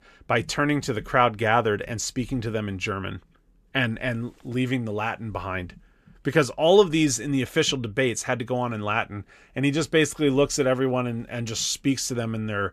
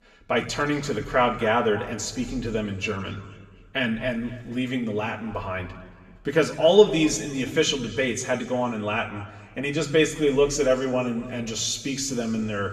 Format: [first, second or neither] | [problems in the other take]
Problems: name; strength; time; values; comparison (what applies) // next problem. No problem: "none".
first | room echo; slight; dies away in 1.5 s // off-mic speech; somewhat distant